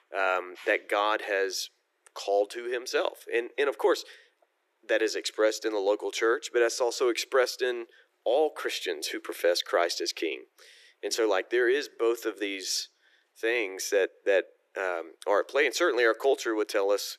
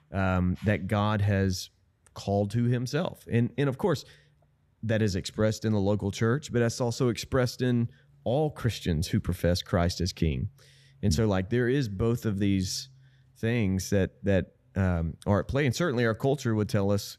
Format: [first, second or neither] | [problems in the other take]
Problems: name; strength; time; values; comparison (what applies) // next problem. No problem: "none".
second | thin; very; fading below 350 Hz